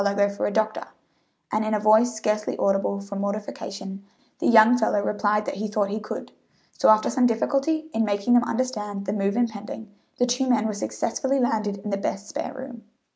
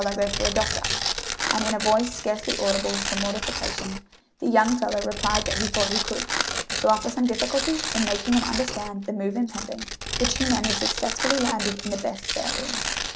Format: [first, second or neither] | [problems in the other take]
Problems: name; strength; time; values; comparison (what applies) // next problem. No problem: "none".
first | background sound (Tearing); 2 dB below the speech